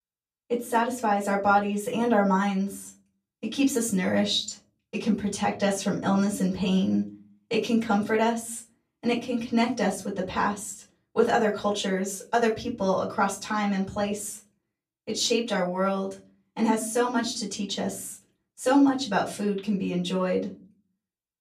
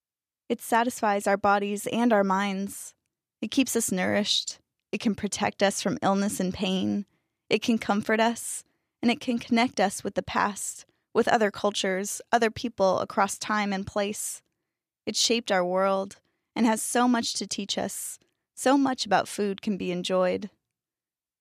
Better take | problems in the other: second | off-mic speech; far // room echo; very slight; dies away in 0.4 s

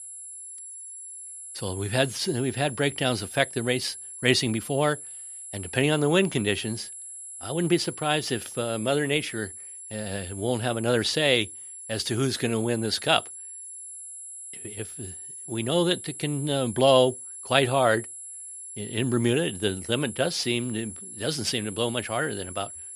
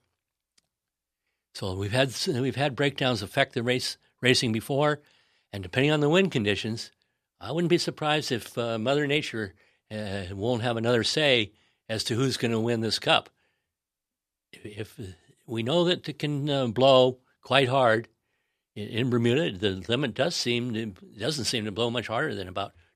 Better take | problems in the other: second | high-pitched whine; noticeable; throughout; 10.5 kHz, 10 dB below the speech

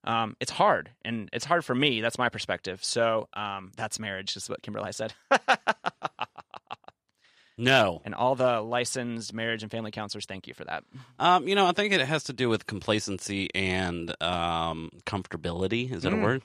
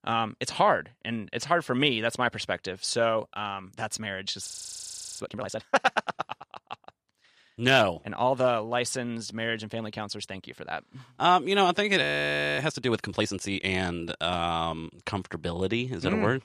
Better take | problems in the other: first | audio freezing; at 4.5 s for 0.5 s and at 12 s for 0.5 s

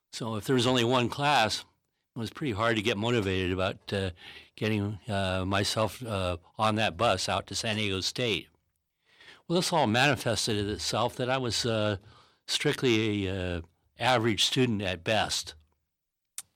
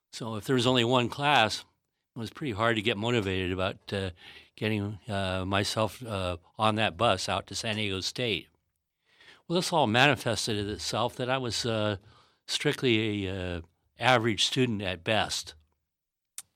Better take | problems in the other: second | distortion; slight; 10 dB below the speech

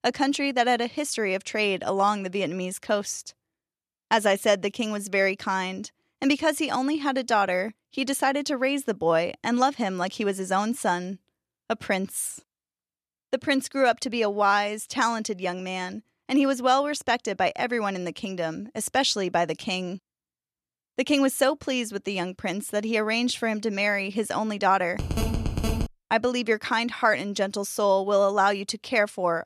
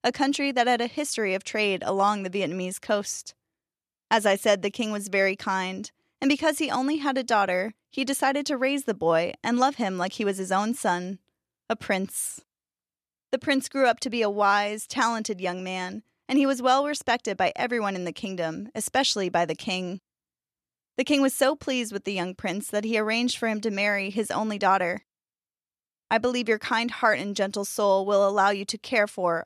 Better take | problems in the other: second | phone ringing; noticeable; at 25 s; peak 3 dB below the speech

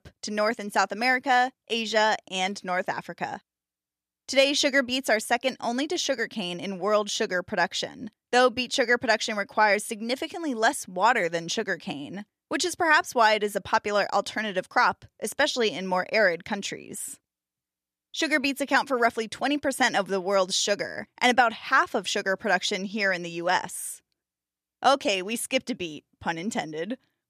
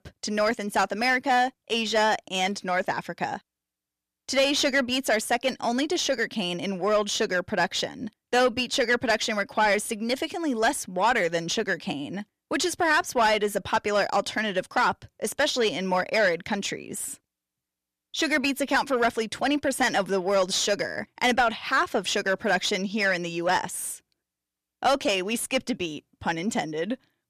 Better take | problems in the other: first | distortion; slight; 10 dB below the speech

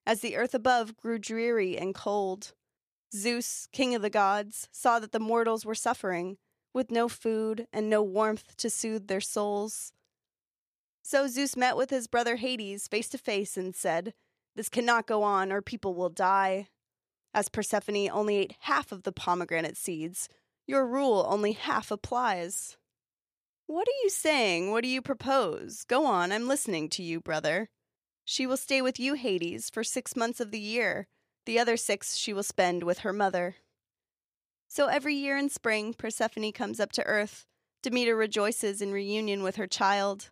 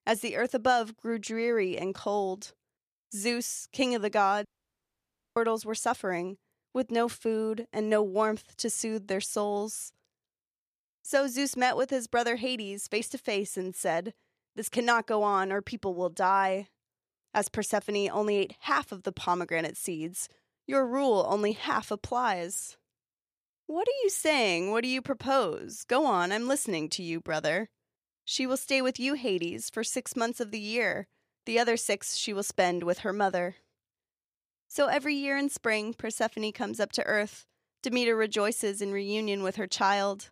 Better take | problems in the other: first | audio cutting out; at 4.5 s for 1 s

